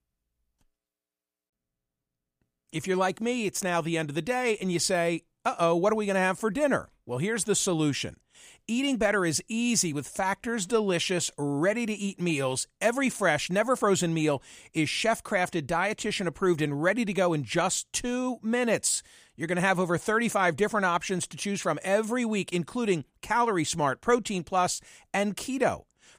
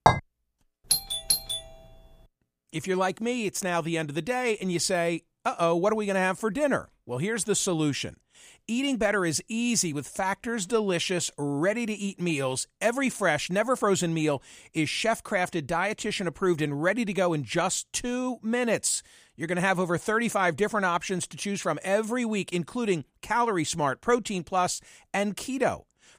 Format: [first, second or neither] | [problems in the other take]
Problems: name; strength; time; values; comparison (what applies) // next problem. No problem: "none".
first | clattering dishes; loud; at the start; peak 4 dB above the speech // doorbell; loud; at 1 s; peak 2 dB above the speech